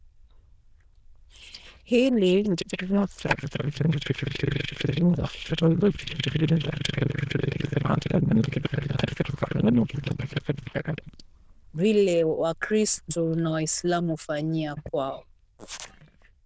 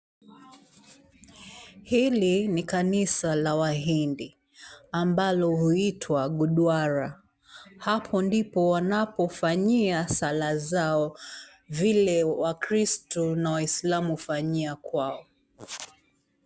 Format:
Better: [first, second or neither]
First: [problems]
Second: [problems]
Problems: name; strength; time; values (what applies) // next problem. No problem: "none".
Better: second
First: noise reduction (neural diffusion model UNIVERSE++)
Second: none